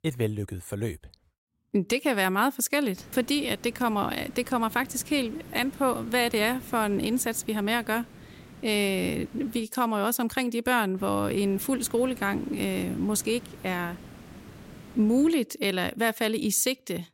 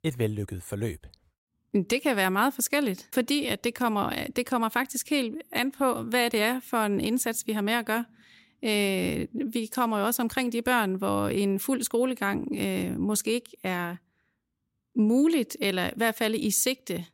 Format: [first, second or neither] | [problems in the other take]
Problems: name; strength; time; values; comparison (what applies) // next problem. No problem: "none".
second | hiss; noticeable; from 3 to 9.5 s and from 11 to 15 s; 20 dB below the speech